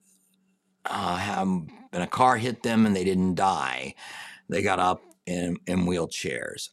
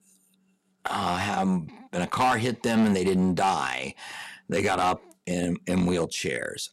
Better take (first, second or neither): first